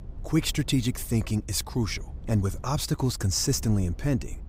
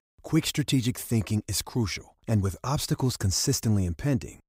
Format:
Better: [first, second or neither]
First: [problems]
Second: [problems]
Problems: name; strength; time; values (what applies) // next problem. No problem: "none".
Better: second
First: low rumble; faint; throughout; 25 dB below the speech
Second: none